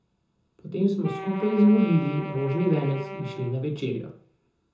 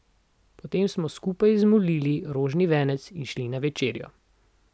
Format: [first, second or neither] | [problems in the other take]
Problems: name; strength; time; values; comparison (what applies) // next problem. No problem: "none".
second | background sound (Wind instrument, woodwind instrument); 12 dB below the speech // room echo; dies away in 0.6 s